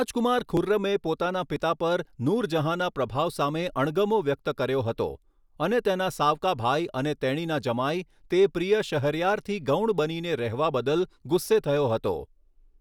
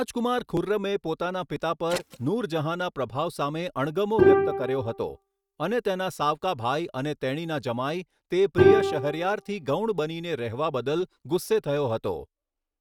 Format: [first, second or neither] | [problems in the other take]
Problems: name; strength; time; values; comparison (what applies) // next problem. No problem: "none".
first | noise reduction (neural mask model RNNoise)